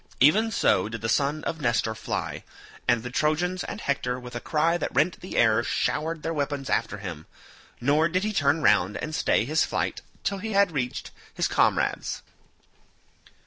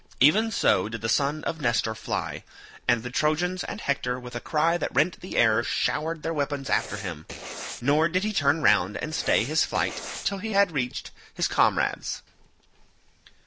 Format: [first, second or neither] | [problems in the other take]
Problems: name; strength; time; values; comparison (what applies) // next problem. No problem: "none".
first | background sound (Writing); 11 dB below the speech